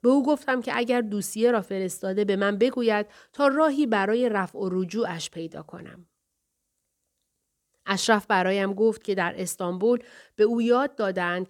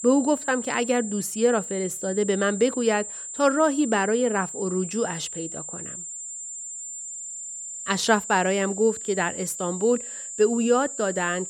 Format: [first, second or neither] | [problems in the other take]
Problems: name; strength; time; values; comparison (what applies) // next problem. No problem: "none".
first | high-pitched whine; loud; throughout; 7 kHz, 9 dB below the speech